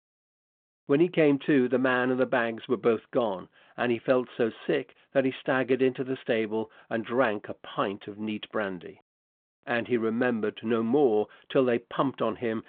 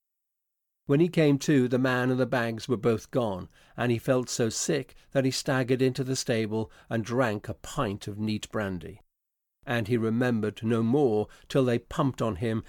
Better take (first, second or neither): second